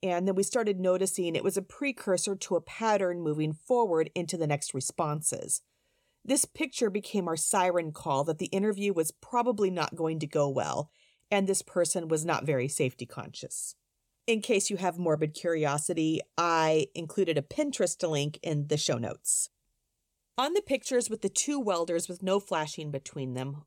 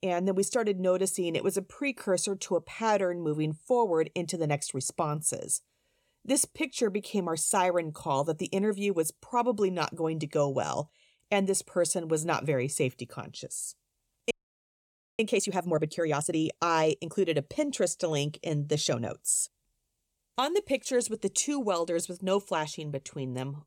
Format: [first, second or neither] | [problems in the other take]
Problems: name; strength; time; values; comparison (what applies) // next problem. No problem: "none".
first | audio freezing; at 14 s for 1 s